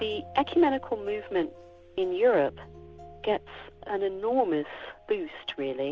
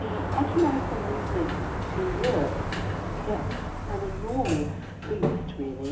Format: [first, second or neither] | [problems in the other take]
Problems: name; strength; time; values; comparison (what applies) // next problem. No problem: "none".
first | background sound (Sliding door); as loud as the speech // room echo; dies away in 0.7 s